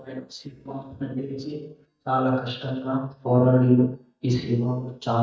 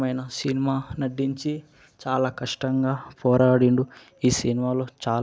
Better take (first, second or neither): second